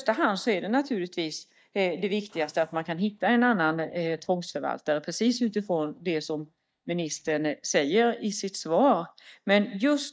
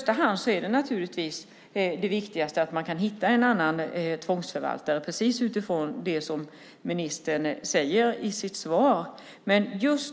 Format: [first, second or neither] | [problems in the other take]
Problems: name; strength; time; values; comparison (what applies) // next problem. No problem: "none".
second | noise reduction (neural mask model DeepFilterNet 3)